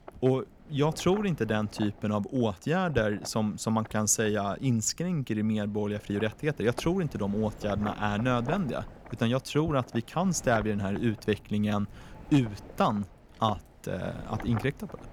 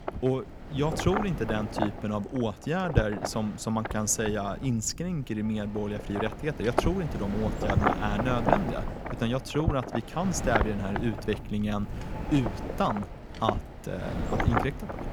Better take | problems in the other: first | wind noise on the microphone; heavy; 1 dB below the speech; occasional gusts in the first

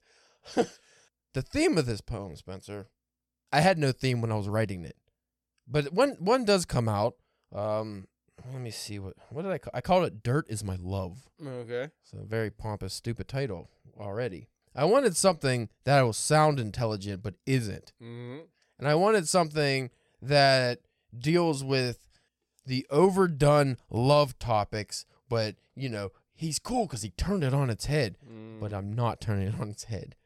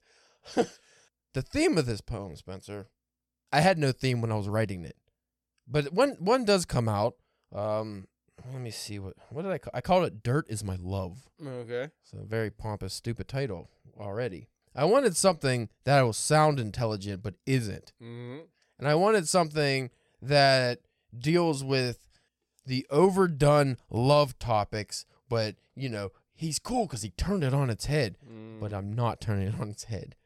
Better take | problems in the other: neither | none

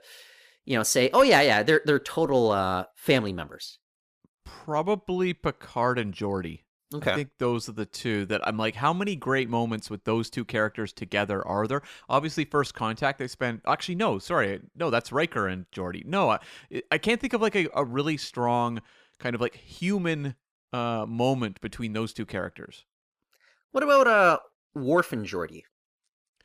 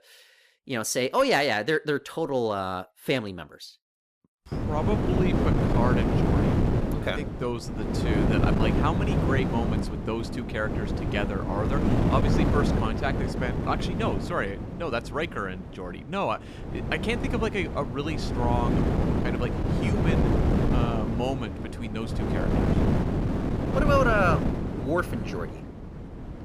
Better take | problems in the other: first | wind noise on the microphone; heavy; from 4.5 s on; 3 dB below the speech

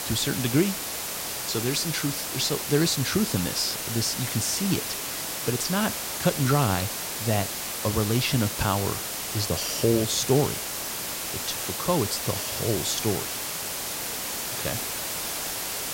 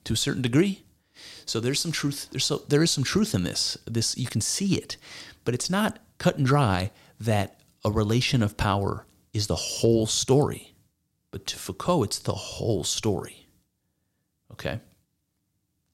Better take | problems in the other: second | hiss; loud; throughout; 2 dB below the speech

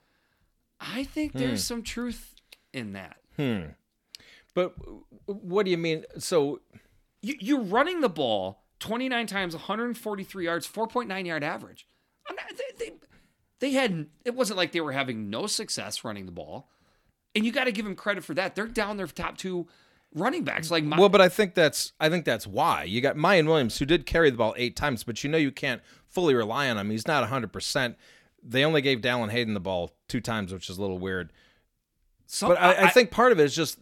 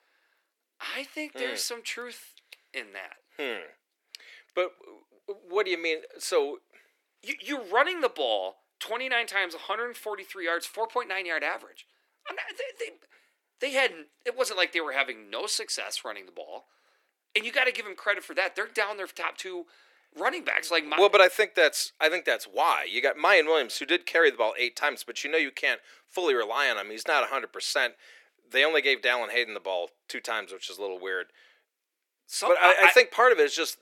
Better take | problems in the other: first | thin; very; fading below 350 Hz

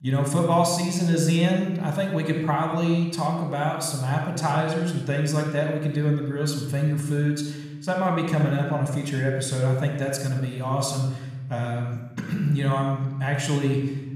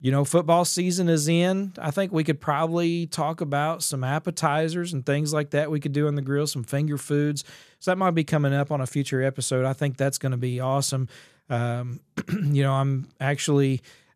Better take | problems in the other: second | room echo; noticeable; dies away in 1 s // off-mic speech; somewhat distant

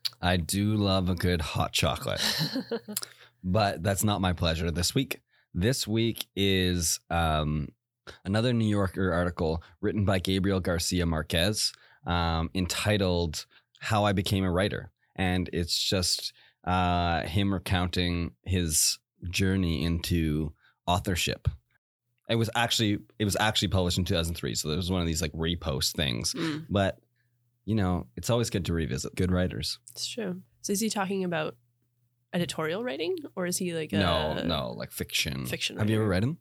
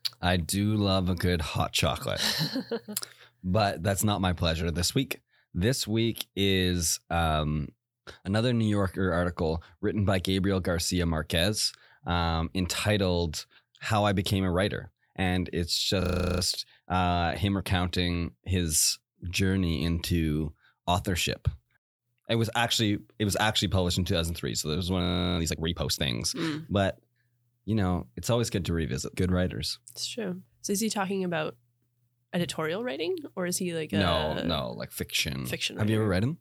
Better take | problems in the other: first | audio freezing; at 16 s and at 25 s

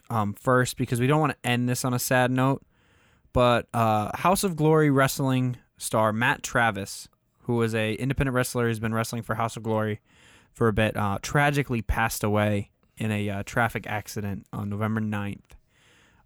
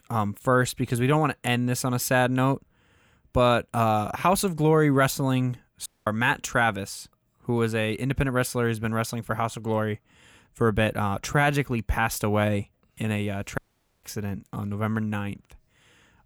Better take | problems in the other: first | audio cutting out; at 6 s and at 14 s

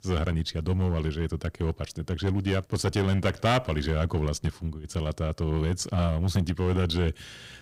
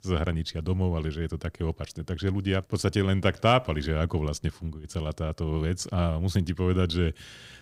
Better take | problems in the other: second | distortion; slight; 4% of the sound clipped

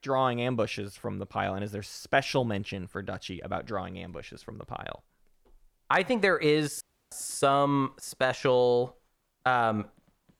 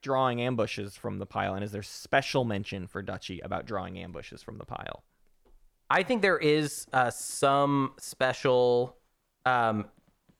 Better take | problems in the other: second | audio cutting out; at 7 s

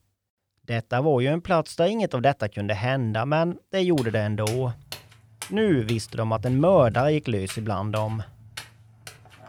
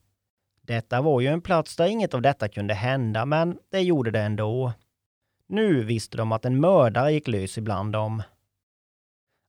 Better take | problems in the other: second | footsteps; faint; from 4 s on; peak 10 dB below the speech

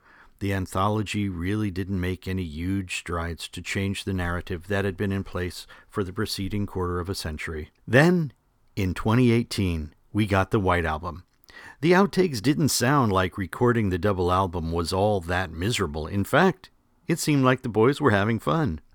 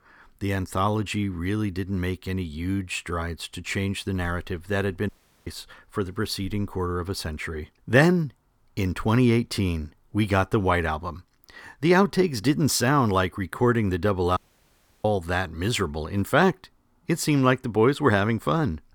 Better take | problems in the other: first | audio cutting out; at 5 s and at 14 s for 0.5 s

